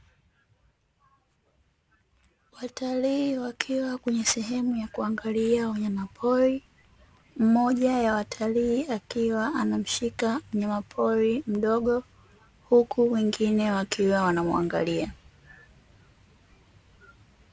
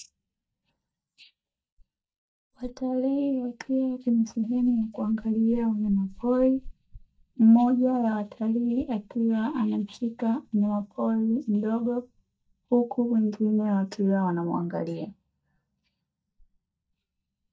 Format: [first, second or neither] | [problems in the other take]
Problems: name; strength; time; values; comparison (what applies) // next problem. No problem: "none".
first | noise reduction (neural mask model DeepFilterNet 3)